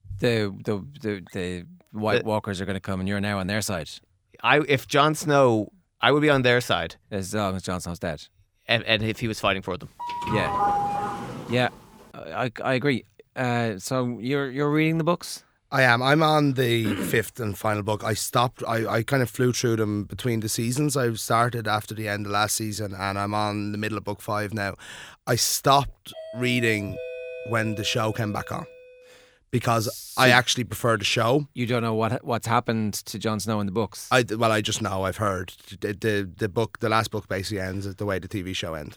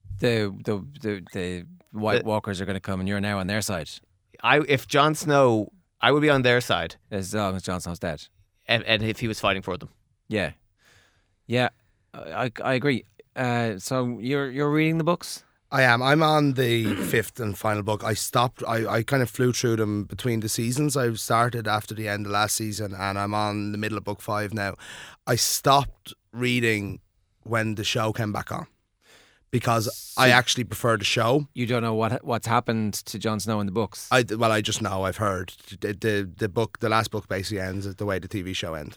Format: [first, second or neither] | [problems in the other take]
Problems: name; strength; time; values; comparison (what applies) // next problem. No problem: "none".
second | doorbell; loud; from 10 to 12 s; peak 1 dB above the speech // doorbell; faint; from 26 to 29 s; peak 10 dB below the speech